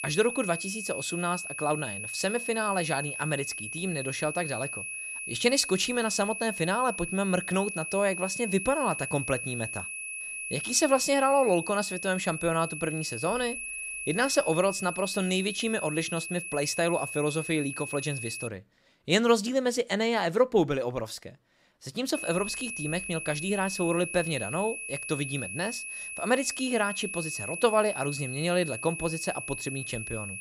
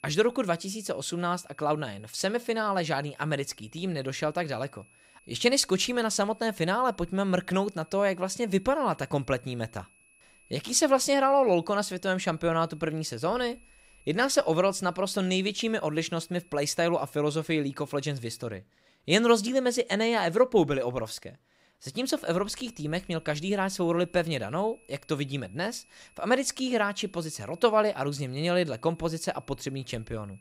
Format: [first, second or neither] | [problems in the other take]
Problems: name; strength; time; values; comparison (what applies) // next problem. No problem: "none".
second | high-pitched whine; loud; until 18 s and from 22 s on; 2.5 kHz, 6 dB below the speech; faint in the second